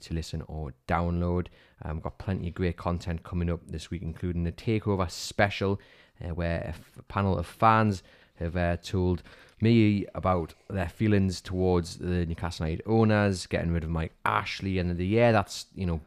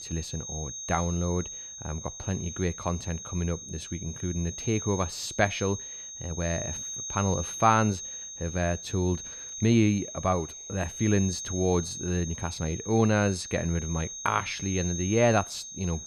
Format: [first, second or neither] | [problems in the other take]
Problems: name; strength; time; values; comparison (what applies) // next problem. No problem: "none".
first | high-pitched whine; loud; throughout; 6.5 kHz, 8 dB below the speech